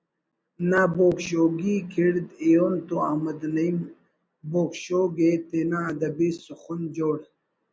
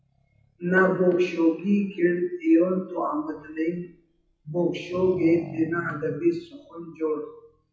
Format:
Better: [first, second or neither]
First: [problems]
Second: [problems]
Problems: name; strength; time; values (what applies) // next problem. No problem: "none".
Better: first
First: none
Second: noise reduction (classical method WPE with log-MMSE)